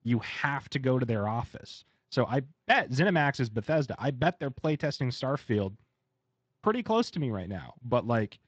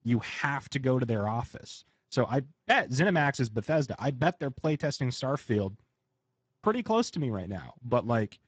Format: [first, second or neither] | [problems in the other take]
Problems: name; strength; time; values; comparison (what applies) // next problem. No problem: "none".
first | garbled, watery; badly; nothing above 7.5 kHz; slightly in the first